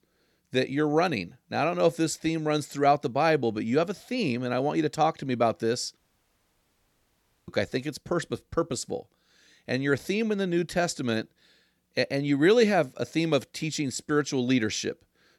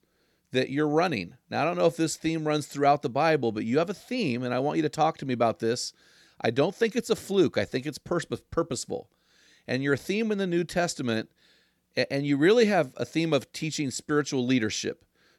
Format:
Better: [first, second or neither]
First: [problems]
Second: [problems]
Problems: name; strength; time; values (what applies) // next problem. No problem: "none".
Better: second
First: audio cutting out; at 6 s for 1.5 s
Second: none